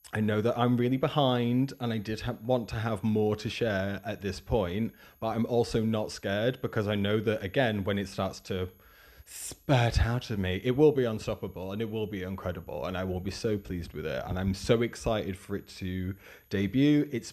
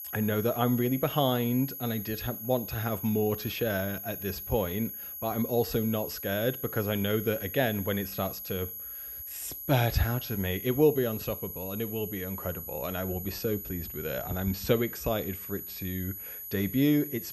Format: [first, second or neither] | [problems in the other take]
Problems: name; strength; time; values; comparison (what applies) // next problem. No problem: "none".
first | high-pitched whine; loud; throughout; 12 kHz, 7 dB below the speech; faint in the first